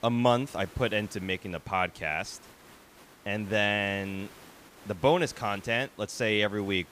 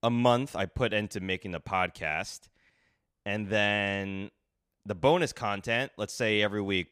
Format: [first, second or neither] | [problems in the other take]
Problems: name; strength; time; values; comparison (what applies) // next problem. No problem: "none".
second | hiss; faint; throughout; 25 dB below the speech